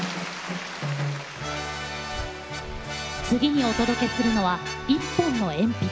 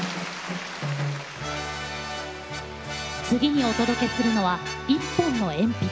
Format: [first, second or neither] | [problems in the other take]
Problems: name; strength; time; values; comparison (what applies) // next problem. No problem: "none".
second | background sound (Breathing); 16 dB below the speech